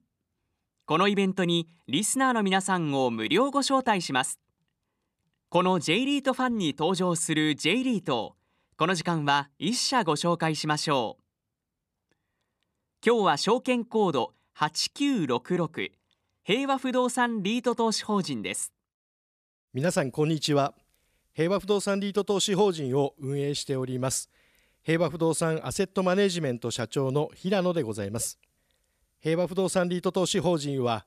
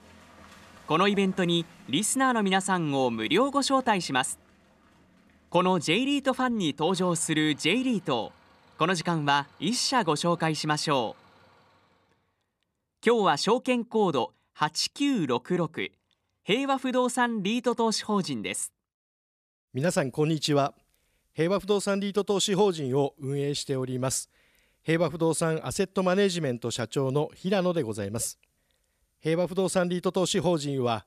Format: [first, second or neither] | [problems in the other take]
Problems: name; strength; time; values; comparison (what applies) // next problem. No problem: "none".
first | traffic noise; faint; until 12 s; 30 dB below the speech